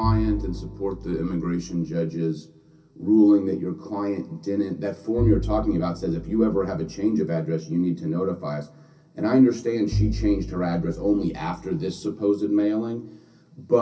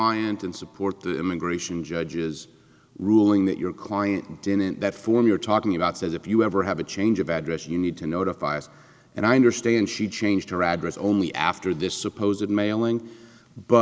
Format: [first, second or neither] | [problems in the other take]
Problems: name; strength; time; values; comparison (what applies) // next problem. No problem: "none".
second | background sound (Bowed string instrument); 8 dB below the speech // room echo; dies away in 0.3 s